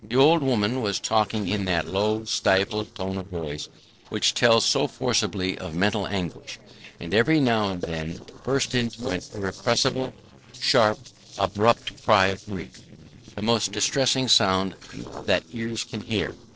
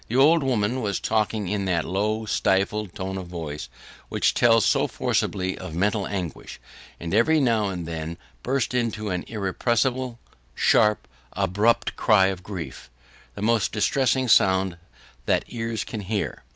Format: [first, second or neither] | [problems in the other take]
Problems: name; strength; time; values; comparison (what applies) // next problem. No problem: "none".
second | noise reduction (neural separator model SepFormer DNS4)